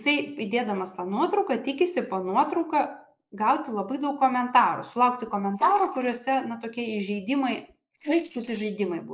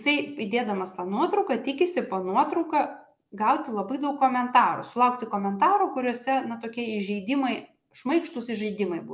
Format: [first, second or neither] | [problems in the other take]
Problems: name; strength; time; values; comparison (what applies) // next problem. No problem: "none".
second | noise reduction (neural mask model Resemble Enhance denoiser)